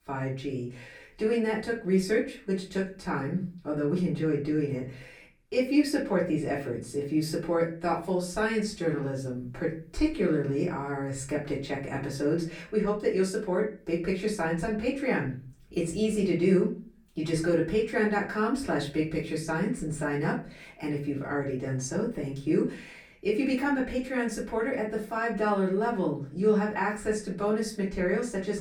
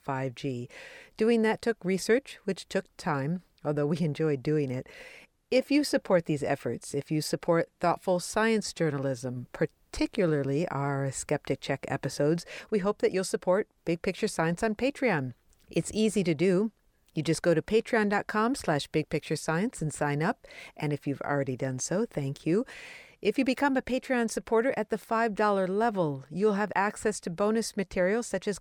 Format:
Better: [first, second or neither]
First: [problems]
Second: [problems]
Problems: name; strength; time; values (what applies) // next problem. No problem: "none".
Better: second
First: off-mic speech; far // room echo; slight; dies away in 0.4 s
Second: none